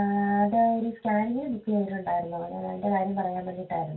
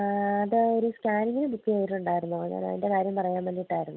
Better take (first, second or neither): second